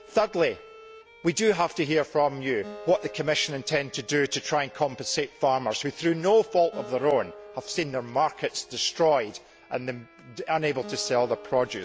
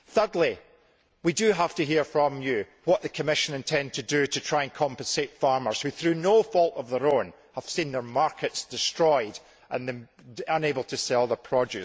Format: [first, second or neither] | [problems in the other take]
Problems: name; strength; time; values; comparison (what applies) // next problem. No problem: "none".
second | background sound (Bowed string instrument + Acoustic guitar); 19 dB below the speech